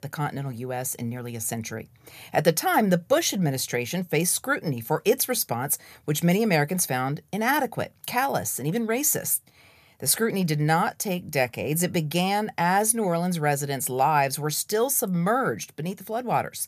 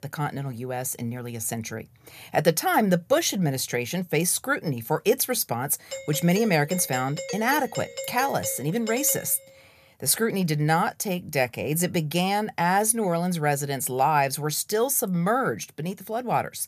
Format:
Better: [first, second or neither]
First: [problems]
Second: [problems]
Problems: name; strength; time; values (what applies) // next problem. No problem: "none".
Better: first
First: none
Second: doorbell; noticeable; from 6 to 9.5 s; peak 8 dB below the speech